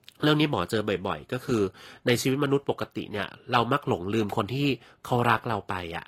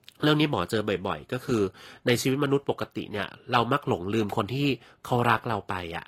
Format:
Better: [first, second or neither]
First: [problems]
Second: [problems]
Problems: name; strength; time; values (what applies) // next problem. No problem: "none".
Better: neither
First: garbled, watery; slightly; nothing above 14.5 kHz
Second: garbled, watery; slightly; nothing above 14.5 kHz